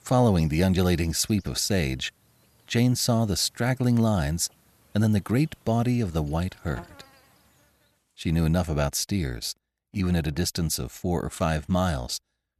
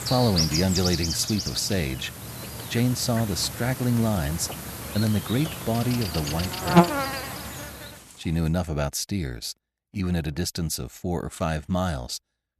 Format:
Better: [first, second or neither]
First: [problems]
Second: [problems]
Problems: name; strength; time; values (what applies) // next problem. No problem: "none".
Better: first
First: animal sounds; faint; until 8 s; 30 dB below the speech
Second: animal sounds; loud; until 8 s; 2 dB below the speech